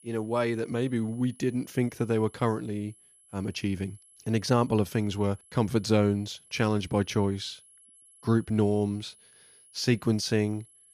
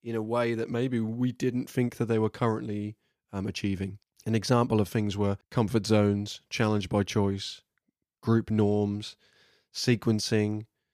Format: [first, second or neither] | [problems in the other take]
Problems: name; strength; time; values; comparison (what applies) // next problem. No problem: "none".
second | high-pitched whine; faint; throughout; 11 kHz, 25 dB below the speech